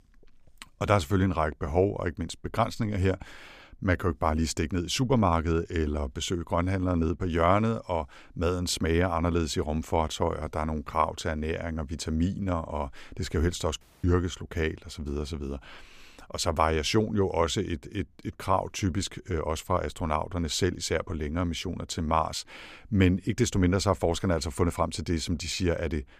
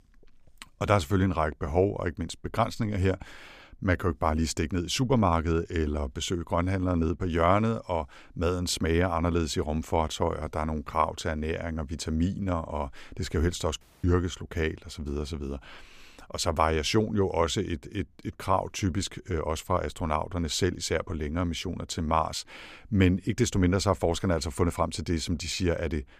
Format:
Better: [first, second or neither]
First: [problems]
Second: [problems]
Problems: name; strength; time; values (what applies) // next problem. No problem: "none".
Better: neither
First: audio cutting out; at 14 s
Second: audio cutting out; at 14 s